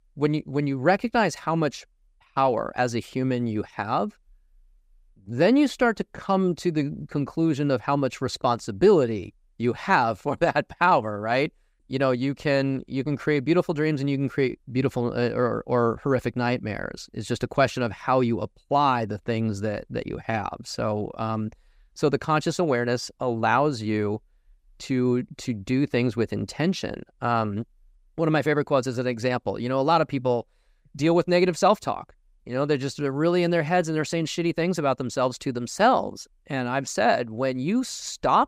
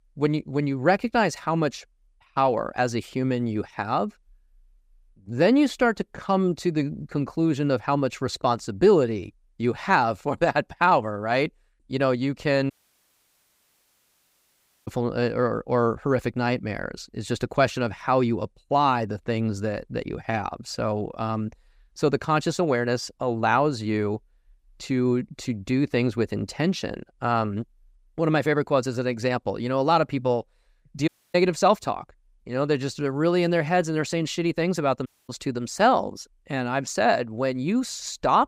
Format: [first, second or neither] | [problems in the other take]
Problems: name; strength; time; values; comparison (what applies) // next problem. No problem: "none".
first | audio cutting out; at 13 s for 2 s, at 31 s and at 35 s